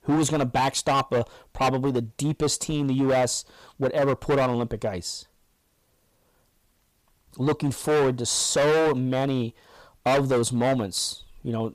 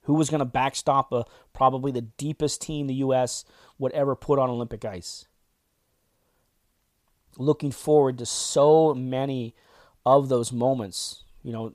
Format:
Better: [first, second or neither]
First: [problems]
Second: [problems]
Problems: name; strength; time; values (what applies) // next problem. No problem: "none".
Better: second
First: distortion; heavy; 12% of the sound clipped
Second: none